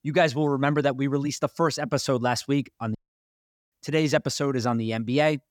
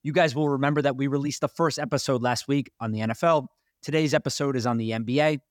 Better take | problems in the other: second | audio cutting out; at 3 s for 1 s

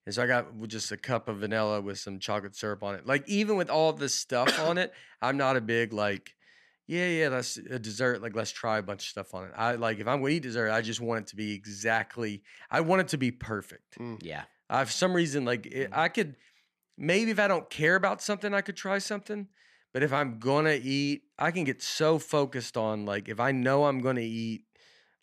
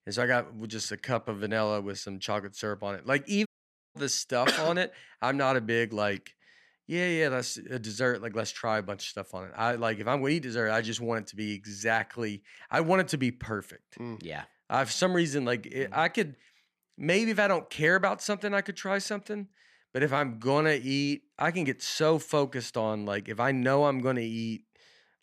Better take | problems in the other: first | audio cutting out; at 3.5 s

